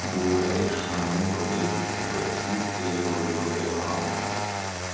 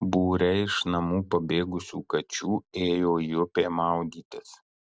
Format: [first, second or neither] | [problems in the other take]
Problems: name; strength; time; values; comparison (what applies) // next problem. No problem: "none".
second | background sound (Engine starting); 1 dB below the speech // room echo; dies away in 1.3 s